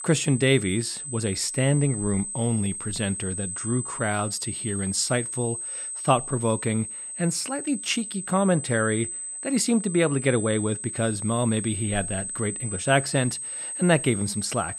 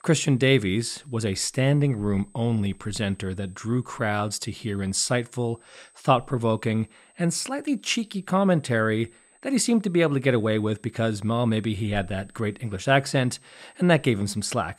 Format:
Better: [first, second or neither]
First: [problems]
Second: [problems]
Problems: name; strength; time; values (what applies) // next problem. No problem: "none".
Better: second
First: high-pitched whine; loud; throughout; 8 kHz, 6 dB below the speech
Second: high-pitched whine; faint; throughout; 8 kHz, 30 dB below the speech